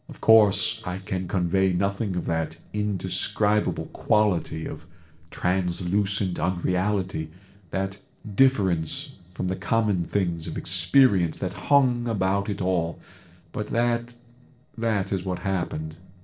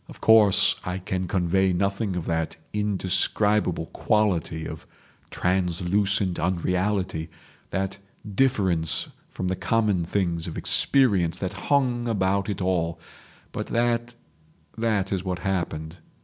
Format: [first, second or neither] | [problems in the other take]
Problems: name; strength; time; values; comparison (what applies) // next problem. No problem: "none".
second | noise reduction (neural separator model SepFormer DNS4)